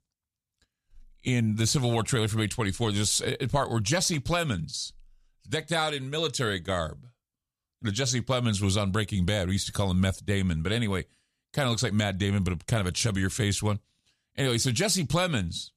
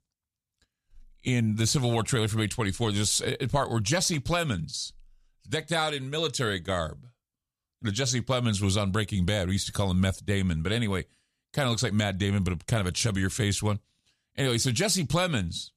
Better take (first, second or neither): neither